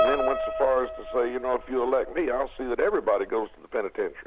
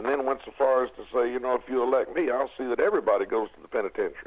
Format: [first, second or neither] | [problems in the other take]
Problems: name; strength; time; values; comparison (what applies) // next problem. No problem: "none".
second | background sound (Piano); 6 dB below the speech